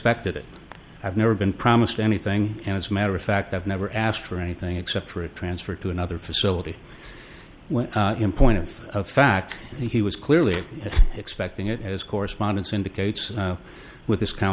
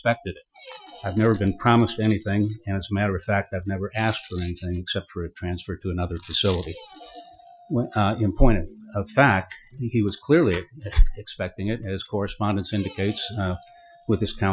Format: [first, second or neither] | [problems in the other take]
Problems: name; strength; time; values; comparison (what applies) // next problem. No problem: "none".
first | noise reduction (classical method Wiener filter)